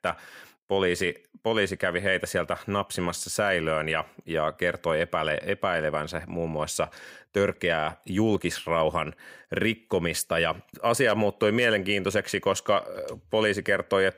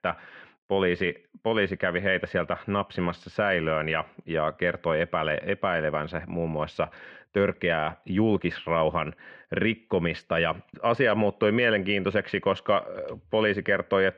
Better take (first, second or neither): first